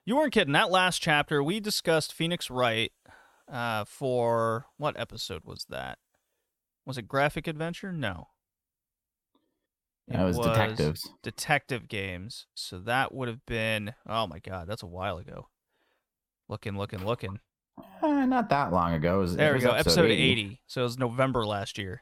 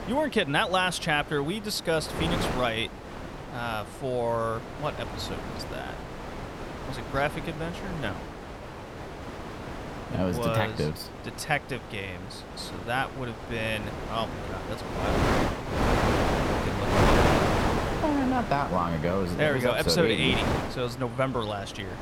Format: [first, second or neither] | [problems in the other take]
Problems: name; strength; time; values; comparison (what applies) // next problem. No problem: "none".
first | wind noise on the microphone; heavy; 3 dB below the speech